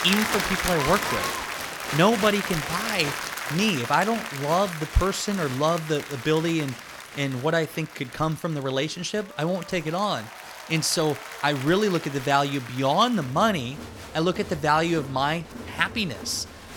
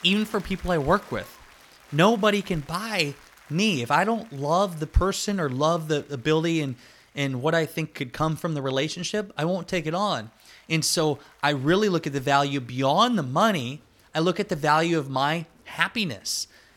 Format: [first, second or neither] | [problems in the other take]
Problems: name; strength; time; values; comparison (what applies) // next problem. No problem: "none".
second | crowd noise; loud; throughout; 7 dB below the speech; faint in the second